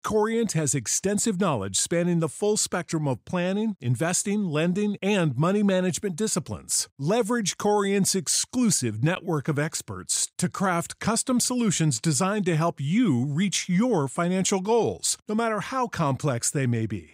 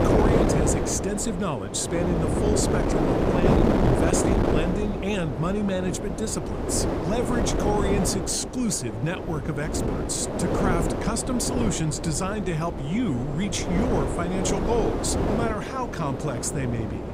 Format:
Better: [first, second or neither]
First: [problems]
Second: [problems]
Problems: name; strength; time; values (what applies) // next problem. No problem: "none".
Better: first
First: none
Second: wind noise on the microphone; heavy; 1 dB above the speech